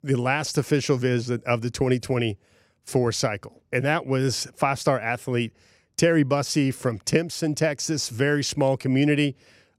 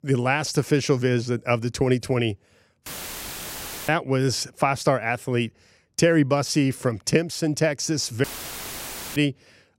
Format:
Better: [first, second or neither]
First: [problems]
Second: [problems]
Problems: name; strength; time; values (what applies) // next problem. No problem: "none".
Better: first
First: none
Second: audio cutting out; filled with static; at 3 s for 1 s and at 8 s for 1 s